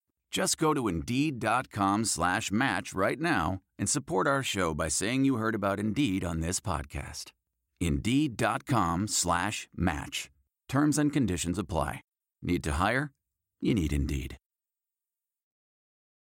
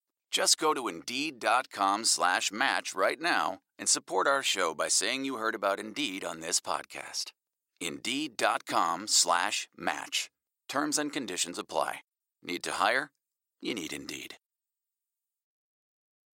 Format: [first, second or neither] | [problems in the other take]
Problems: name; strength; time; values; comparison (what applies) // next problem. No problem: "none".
first | thin; somewhat; fading below 550 Hz